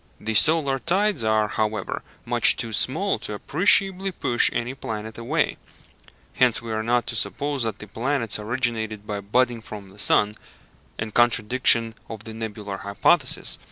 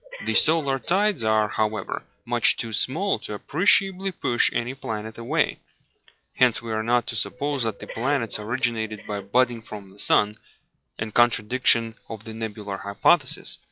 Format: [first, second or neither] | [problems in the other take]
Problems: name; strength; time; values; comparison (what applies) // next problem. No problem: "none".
first | noise reduction (classical method log-MMSE)